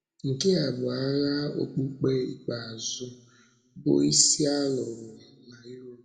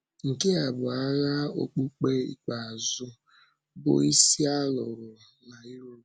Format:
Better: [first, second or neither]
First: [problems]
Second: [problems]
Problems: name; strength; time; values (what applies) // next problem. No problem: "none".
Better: second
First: room echo; dies away in 1.4 s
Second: none